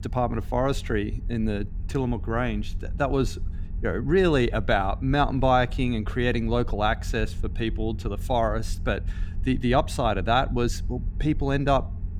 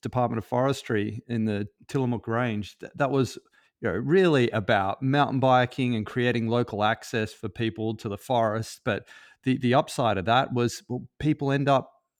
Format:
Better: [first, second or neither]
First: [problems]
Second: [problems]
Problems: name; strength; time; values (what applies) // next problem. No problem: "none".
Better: second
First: low rumble; faint; throughout; 25 dB below the speech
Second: none